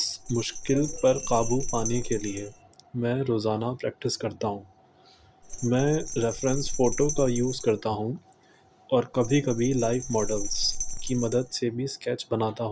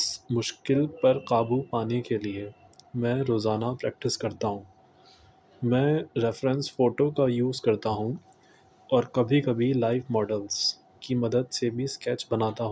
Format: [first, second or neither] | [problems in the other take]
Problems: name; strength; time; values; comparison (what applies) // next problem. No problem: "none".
second | background sound (Bell); 5 dB below the speech